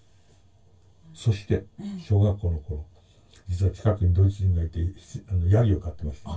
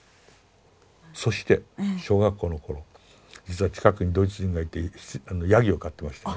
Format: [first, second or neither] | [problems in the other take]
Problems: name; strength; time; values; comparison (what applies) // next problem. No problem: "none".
second | room echo; dies away in 0.1 s